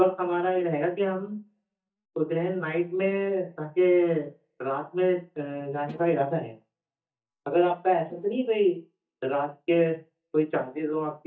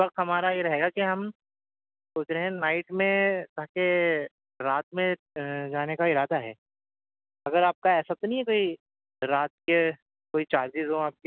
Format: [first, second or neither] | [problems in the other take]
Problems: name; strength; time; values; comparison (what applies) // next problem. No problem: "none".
second | noise reduction (neural mask model DeepFilterNet 3)